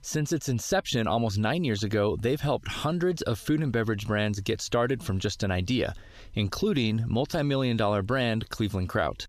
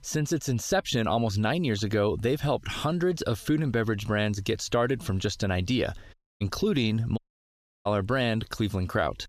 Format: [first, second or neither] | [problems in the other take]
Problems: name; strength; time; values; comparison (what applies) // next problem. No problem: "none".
first | audio cutting out; at 6 s and at 7 s for 0.5 s